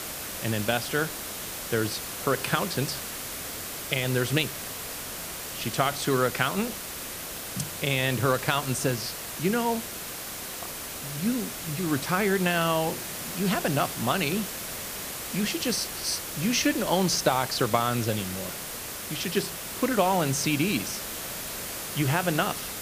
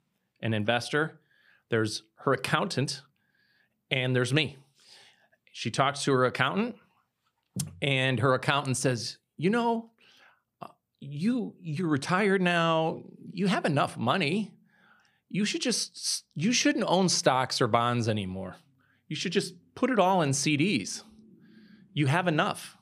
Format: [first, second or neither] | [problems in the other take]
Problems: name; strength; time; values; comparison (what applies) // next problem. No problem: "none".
second | hiss; loud; throughout; 6 dB below the speech